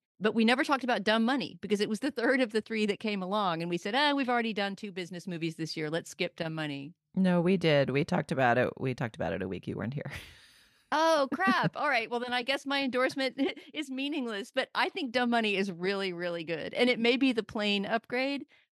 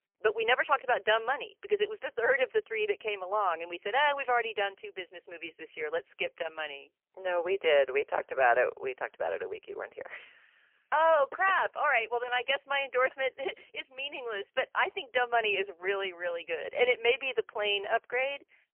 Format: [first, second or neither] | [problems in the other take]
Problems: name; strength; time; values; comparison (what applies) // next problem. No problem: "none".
first | phone-call audio; poor line; nothing above 3 kHz